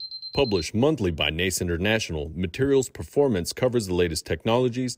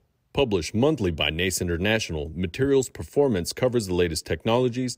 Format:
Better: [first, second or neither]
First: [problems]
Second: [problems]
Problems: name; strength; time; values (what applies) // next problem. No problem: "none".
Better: second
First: alarm; noticeable; at the start; peak 9 dB below the speech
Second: none